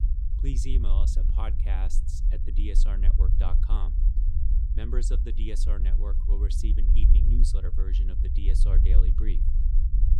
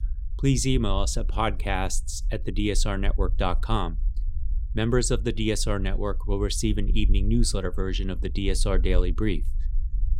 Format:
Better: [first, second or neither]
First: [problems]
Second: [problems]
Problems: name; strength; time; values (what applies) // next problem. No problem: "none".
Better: second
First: low rumble; loud; throughout; 4 dB below the speech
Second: low rumble; faint; throughout; 25 dB below the speech